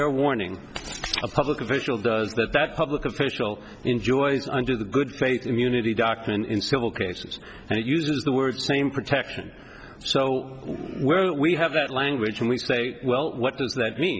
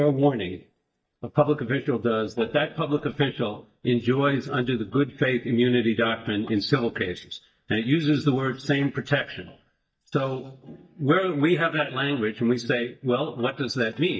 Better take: first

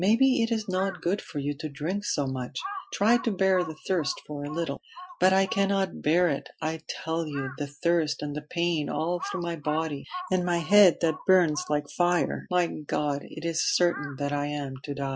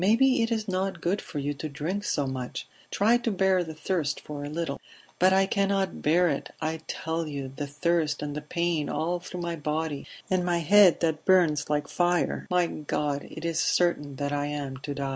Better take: second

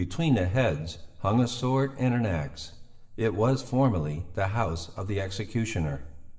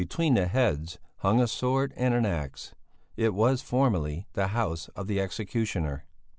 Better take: second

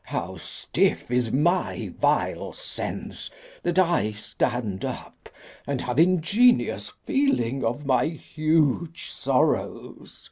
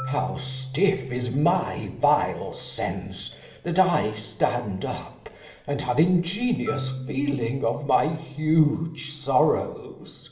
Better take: first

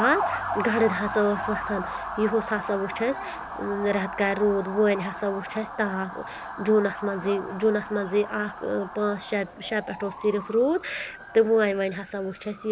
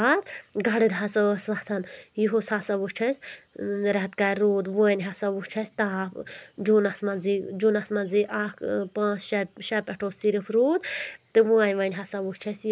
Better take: second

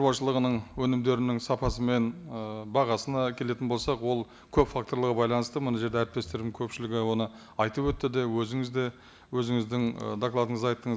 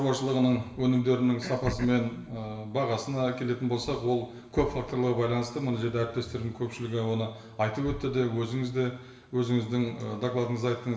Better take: first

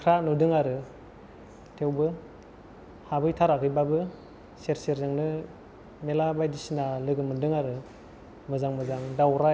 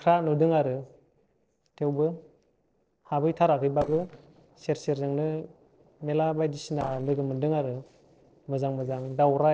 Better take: first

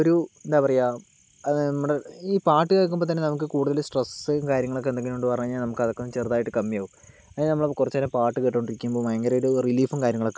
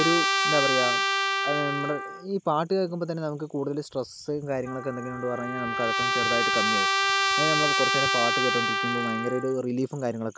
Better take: first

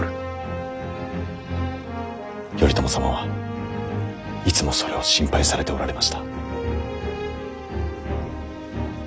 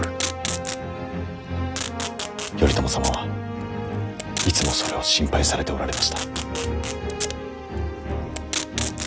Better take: first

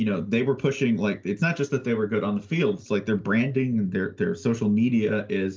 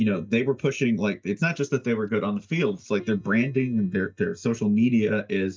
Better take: first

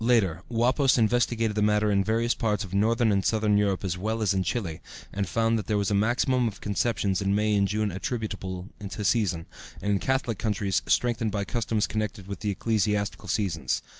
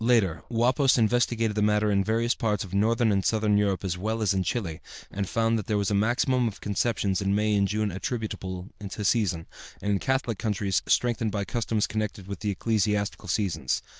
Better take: first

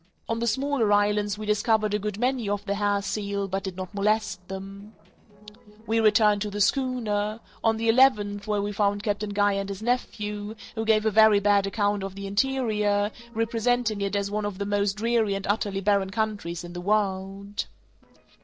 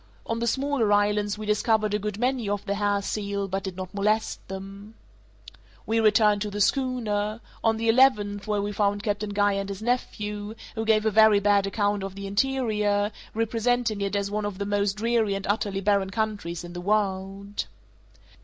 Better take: second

